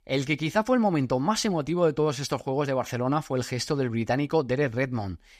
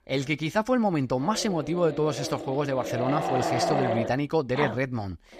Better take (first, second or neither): first